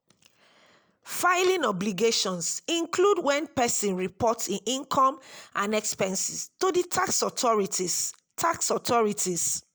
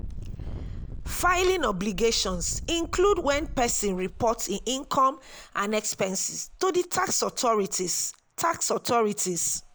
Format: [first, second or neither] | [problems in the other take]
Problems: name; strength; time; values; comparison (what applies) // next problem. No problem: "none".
first | background sound (Engine); 12 dB below the speech